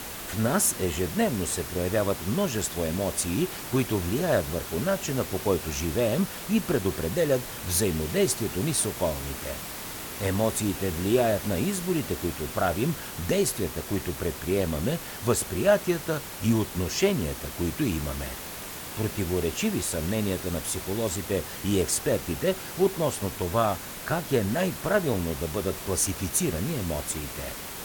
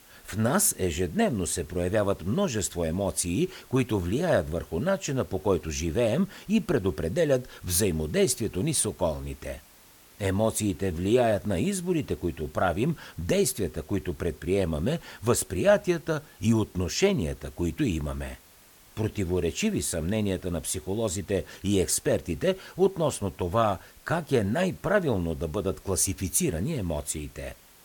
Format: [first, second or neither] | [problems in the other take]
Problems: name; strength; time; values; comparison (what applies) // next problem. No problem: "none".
second | hiss; loud; throughout; 8 dB below the speech; faint in the second